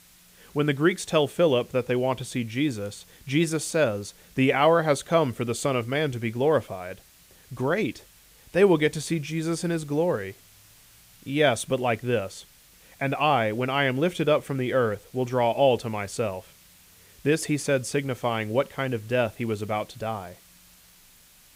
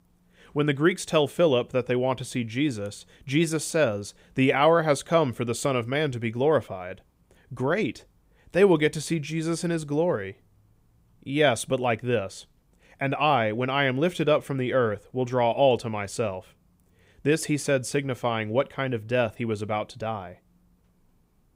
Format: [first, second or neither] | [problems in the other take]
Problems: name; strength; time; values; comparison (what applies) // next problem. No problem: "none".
second | hiss; faint; throughout; 25 dB below the speech